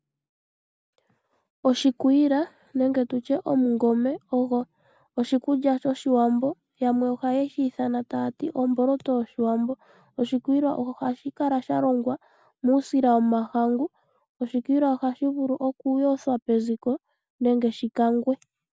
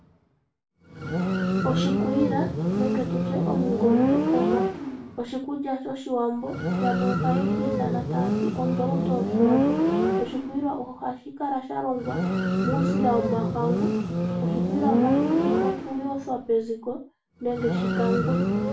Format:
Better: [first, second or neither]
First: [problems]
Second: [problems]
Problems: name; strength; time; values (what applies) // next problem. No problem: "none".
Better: first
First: none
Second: background sound (Motorcycle); 4 dB above the speech // room echo; dies away in 0.3 s